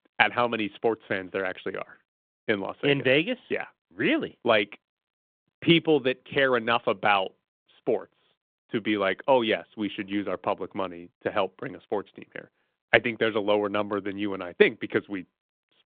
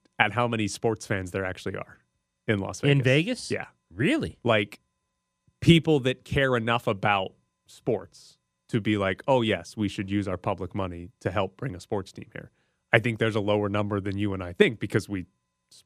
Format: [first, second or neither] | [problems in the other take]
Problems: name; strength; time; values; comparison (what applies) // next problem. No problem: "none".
second | phone-call audio